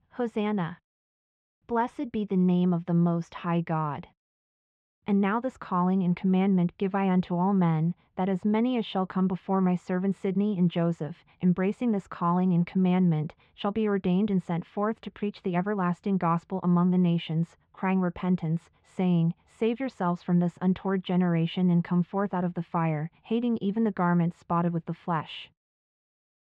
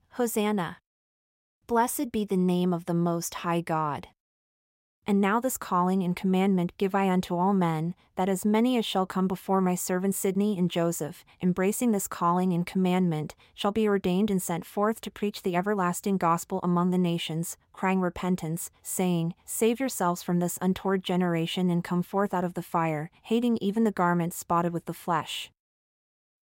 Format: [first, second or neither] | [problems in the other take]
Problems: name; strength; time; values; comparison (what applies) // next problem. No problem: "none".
second | muffled; very; fading above 3 kHz